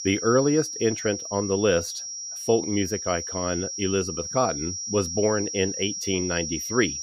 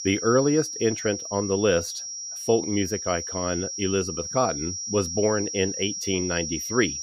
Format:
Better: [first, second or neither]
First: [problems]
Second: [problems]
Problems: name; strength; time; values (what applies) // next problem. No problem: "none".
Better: neither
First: high-pitched whine; loud; throughout; 5.5 kHz, 5 dB below the speech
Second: high-pitched whine; loud; throughout; 5.5 kHz, 5 dB below the speech